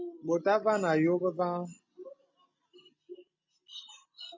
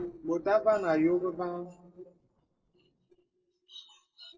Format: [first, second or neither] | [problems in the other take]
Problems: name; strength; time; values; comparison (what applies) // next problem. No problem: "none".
first | noise reduction (neural separator model SepFormer DNS4)